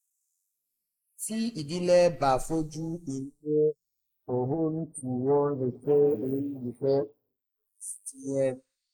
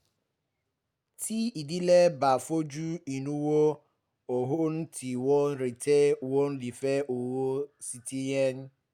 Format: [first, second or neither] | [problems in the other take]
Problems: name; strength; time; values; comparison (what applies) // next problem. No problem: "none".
second | noise reduction (neural mask model Resemble Enhance denoiser)